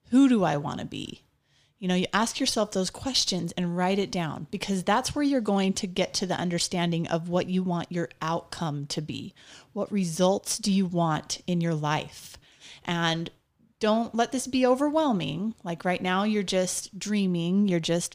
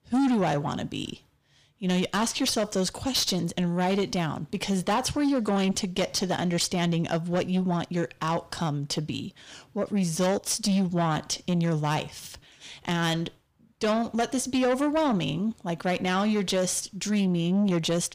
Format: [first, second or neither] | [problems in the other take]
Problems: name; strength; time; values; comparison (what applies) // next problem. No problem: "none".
first | distortion; slight; 10 dB below the speech